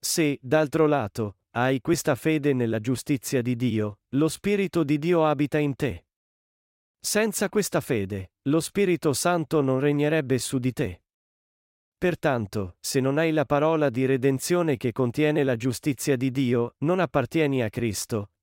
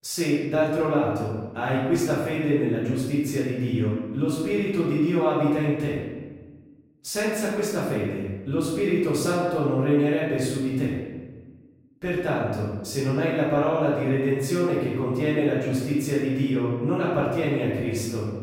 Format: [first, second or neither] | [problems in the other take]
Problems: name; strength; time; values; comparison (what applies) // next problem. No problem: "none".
first | room echo; noticeable; dies away in 1.1 s // off-mic speech; far